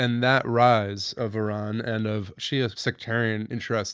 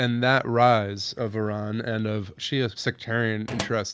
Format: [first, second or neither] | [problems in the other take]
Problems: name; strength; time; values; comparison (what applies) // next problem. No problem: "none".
first | background sound (Drawer open or close); 18 dB below the speech